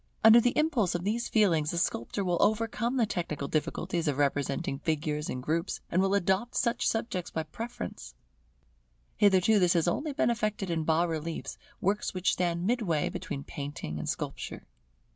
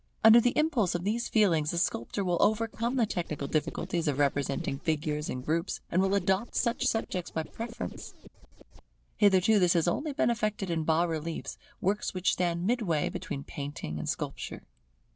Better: first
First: none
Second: noise reduction (neural separator model SepFormer DNS4)

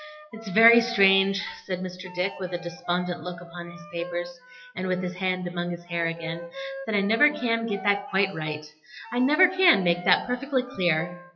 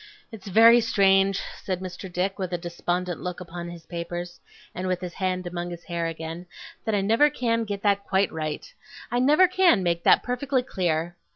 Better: second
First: noise reduction (classical method WPE with log-MMSE)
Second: none

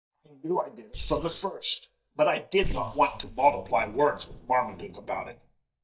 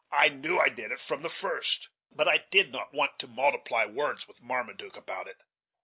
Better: second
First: noise reduction (neural mask model DeepFilterNet 3)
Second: none

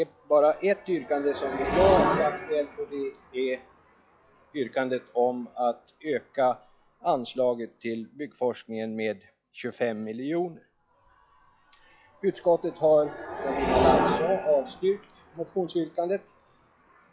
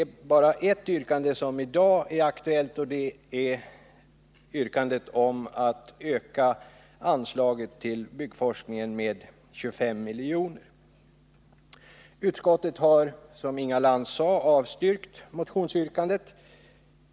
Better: second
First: noise reduction (classical method log-MMSE)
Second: none

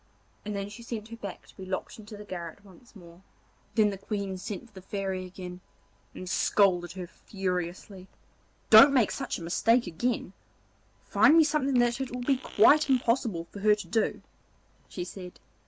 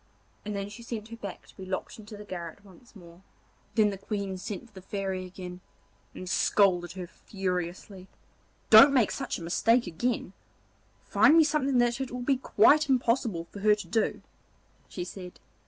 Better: second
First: background sound (Fart); 20 dB below the speech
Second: none

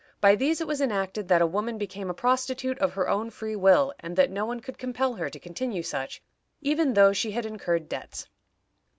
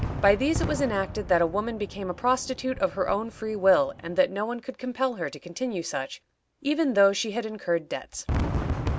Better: first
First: none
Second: background sound (Fireworks); 8 dB below the speech

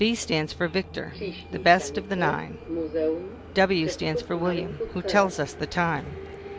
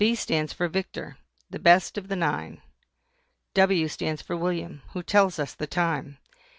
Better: second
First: background sound (Subway, metro, underground); 7 dB below the speech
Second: none

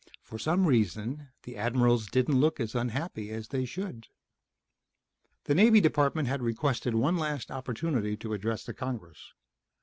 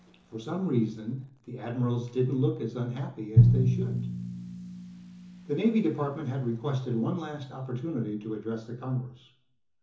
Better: first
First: none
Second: background sound (Drum); 1 dB below the speech // room echo; dies away in 0.7 s

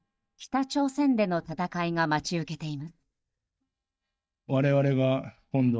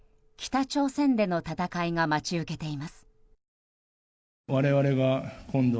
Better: second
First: noise reduction (neural mask model DeepFilterNet 3)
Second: none

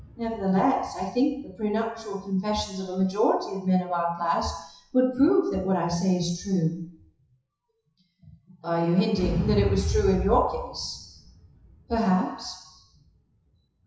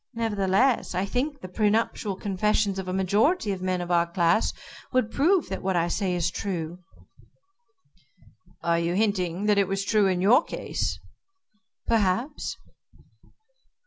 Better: second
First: noise reduction (classical method WPE with log-MMSE)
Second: none

